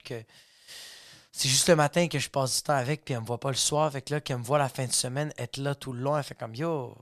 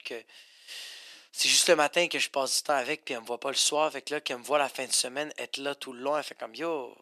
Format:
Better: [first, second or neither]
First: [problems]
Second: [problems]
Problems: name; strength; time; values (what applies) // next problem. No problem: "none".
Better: first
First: none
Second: thin; somewhat; fading below 300 Hz